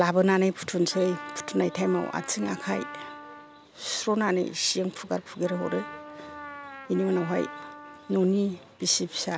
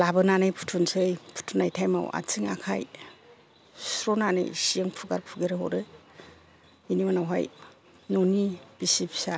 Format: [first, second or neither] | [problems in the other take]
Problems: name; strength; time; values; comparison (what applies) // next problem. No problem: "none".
second | background sound (Trumpet); 16 dB below the speech